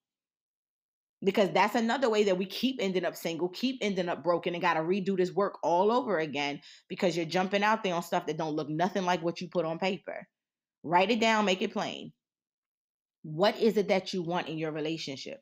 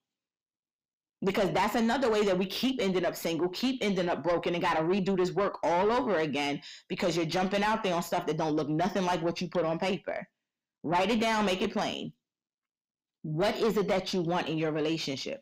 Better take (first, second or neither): first